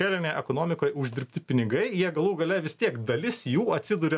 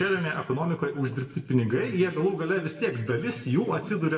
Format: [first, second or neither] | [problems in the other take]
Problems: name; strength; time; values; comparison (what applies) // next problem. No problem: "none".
first | room echo; dies away in 1.1 s